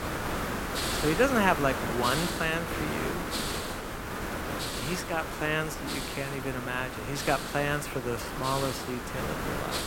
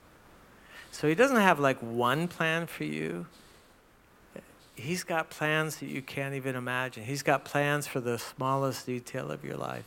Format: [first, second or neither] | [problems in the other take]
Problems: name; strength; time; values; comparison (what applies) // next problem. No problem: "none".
second | hiss; loud; throughout; 2 dB below the speech; faint in the second